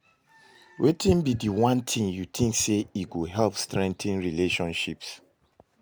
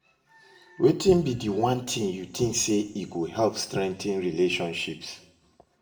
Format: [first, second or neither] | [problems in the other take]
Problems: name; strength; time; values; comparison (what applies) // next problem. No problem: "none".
first | room echo; dies away in 0.6 s